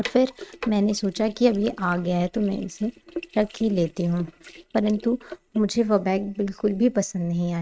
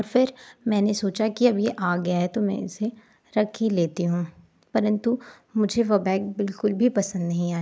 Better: second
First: noise reduction (neural mask model RNNoise)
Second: none

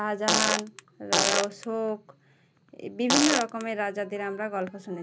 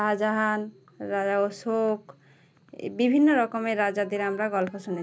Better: second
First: background sound (Fart); 3 dB above the speech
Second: none

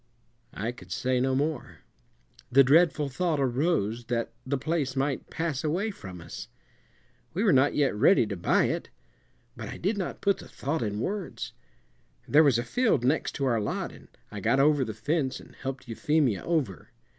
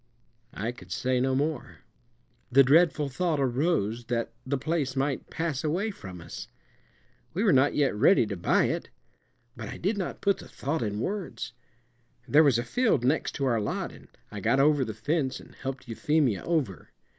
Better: first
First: none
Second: noise reduction (neural mask model Resemble Enhance denoiser)

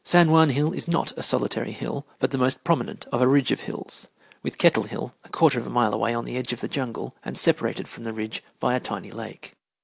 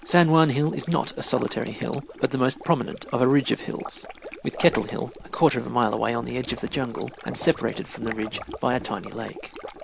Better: first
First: none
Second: background sound (Stream); 14 dB below the speech

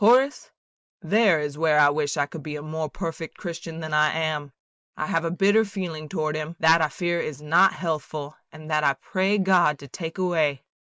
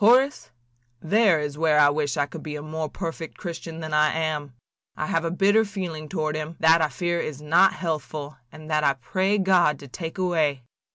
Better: second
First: noise reduction (neural mask model Resemble Enhance denoiser)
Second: none

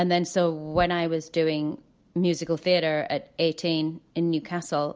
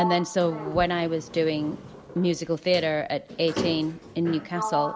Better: first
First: none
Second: background sound (Sliding door); 9 dB below the speech

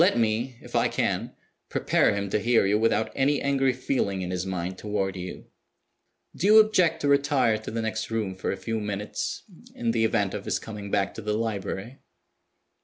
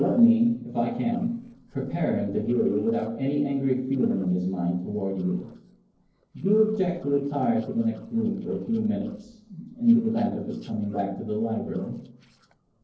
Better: first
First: none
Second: noise reduction (neural separator model SepFormer DNS4)

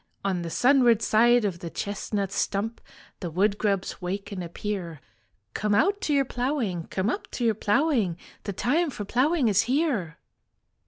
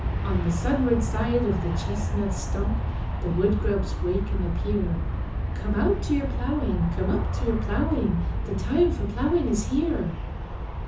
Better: first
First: none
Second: background sound (Aircraft); as loud as the speech // room echo; dies away in 0.6 s

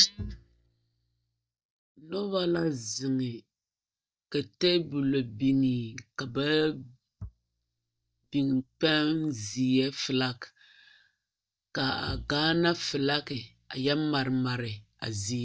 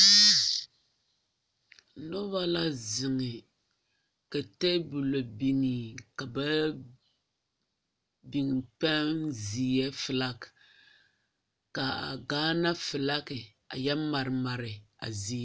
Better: second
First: noise reduction (neural mask model DeepFilterNet 3)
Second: none

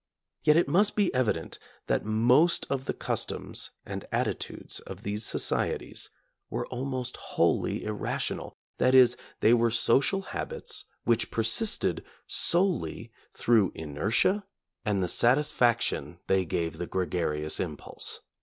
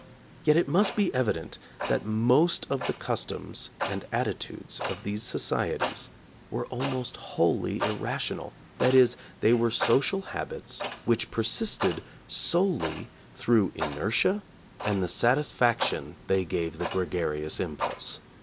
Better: first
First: none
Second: background sound (Clock); 11 dB below the speech

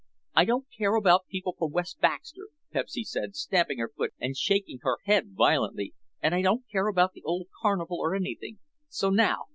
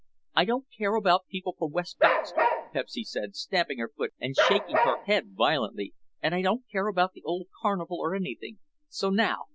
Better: first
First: none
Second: background sound (Bark); 2 dB above the speech

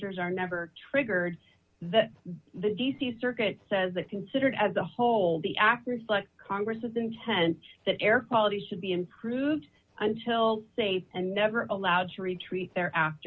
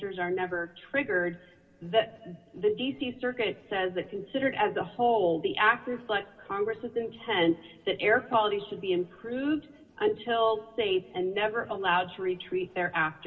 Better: first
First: none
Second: room echo; dies away in 2.2 s

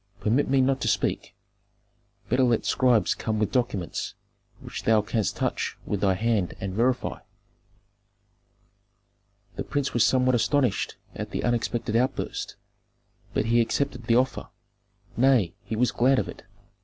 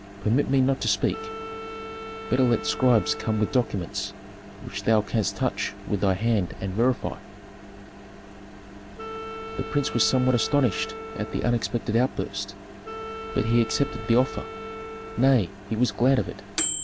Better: first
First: none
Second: background sound (Microwave oven + Wind instrument, woodwind instrument); 11 dB below the speech

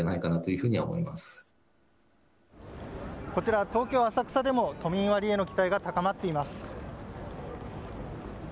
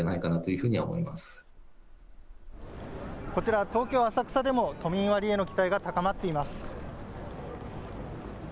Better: first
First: none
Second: background sound (Cricket); 16 dB below the speech

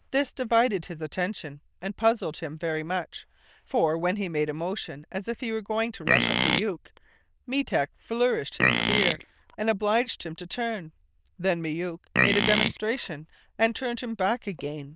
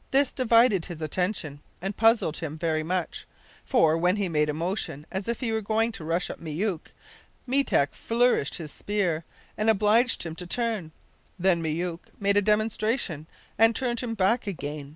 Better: second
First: noise reduction (neural diffusion model UNIVERSE++)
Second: none

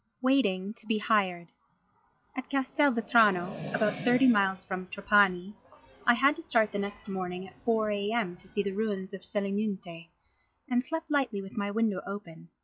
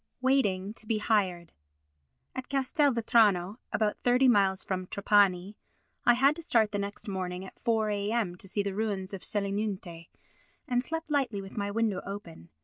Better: second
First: noise reduction (classical method log-MMSE)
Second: none

